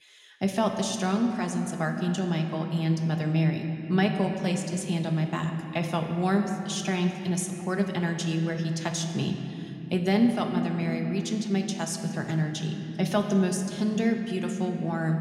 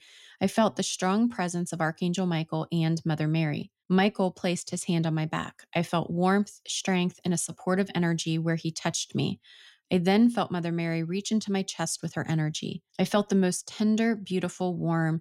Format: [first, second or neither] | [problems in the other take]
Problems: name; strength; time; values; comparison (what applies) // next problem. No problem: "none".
second | room echo; slight; dies away in 2.9 s